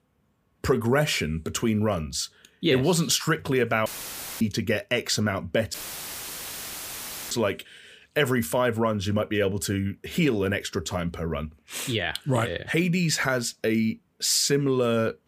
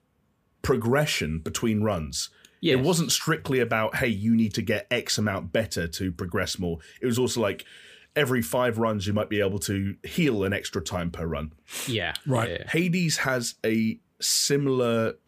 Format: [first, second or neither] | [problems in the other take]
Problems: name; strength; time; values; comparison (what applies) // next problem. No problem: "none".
second | audio cutting out; filled with static; at 4 s for 0.5 s and at 5.5 s for 1.5 s